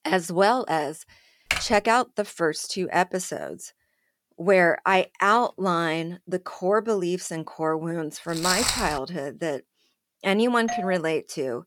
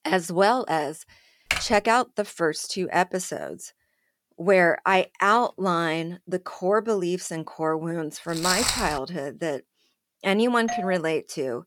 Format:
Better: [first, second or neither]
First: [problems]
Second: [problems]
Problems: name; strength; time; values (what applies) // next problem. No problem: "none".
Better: neither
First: keyboard typing; noticeable; at 1.5 s; peak 3 dB below the speech // footsteps; loud; at 8.5 s; peak 2 dB above the speech // doorbell; noticeable; at 11 s; peak 7 dB below the speech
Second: keyboard typing; noticeable; at 1.5 s; peak 3 dB below the speech // footsteps; loud; at 8.5 s; peak 2 dB above the speech // doorbell; noticeable; at 11 s; peak 7 dB below the speech